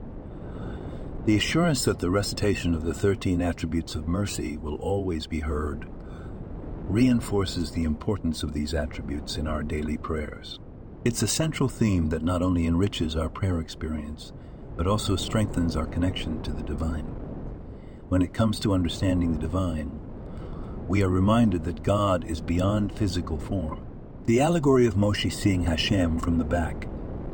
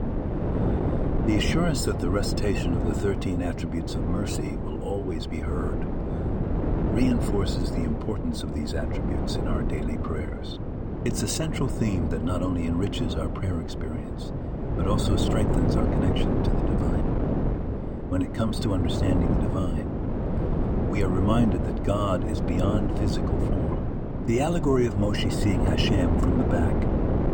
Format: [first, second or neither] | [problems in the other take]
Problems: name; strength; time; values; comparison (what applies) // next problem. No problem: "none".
first | wind noise on the microphone; heavy; 1 dB below the speech; occasional gusts in the first